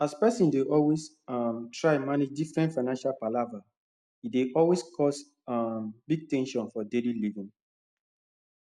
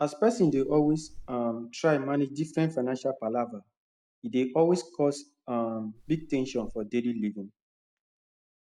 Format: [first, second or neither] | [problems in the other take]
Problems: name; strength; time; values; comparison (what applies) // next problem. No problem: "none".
first | background sound (Wind); 17 dB below the speech